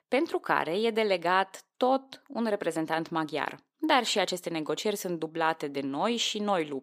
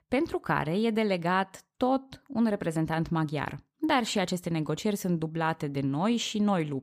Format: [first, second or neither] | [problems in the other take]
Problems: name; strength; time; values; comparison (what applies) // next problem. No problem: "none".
second | thin; somewhat; fading below 400 Hz